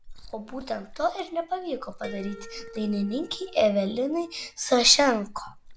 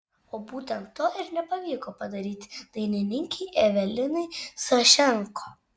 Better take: second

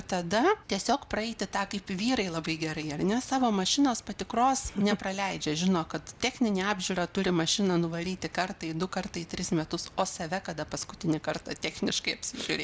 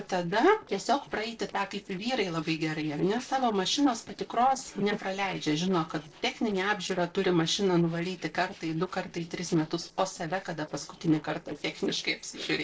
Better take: first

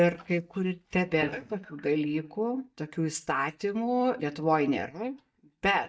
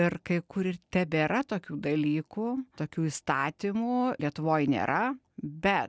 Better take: second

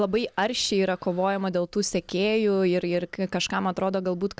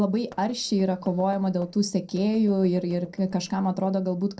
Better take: first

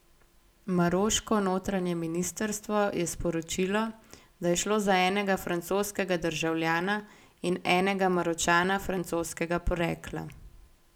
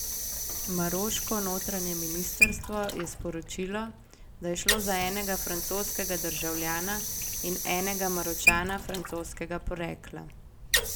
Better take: first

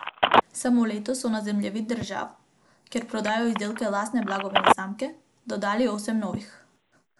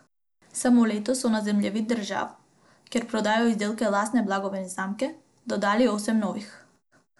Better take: second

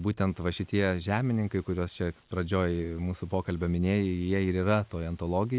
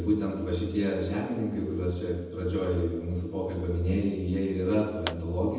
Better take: first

